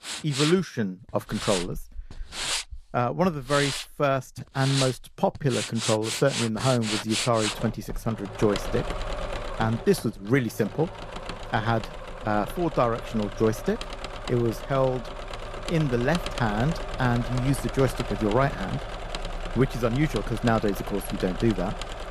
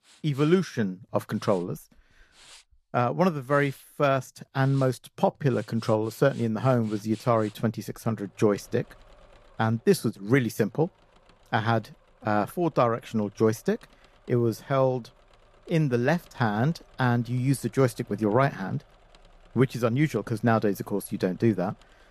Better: second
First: machinery noise; loud; throughout; 7 dB below the speech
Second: machinery noise; faint; throughout; 30 dB below the speech

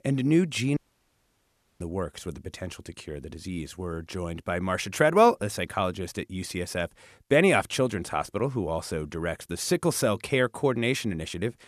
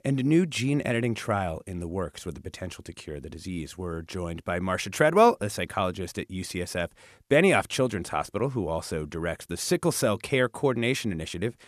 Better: second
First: audio cutting out; at 1 s for 1 s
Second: none

